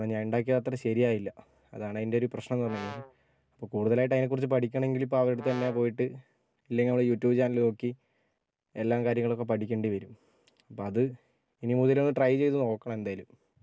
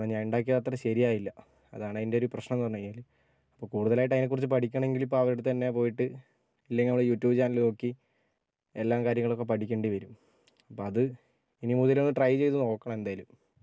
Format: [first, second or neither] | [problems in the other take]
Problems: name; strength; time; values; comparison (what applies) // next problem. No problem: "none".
second | background sound (Brass instrument); 15 dB below the speech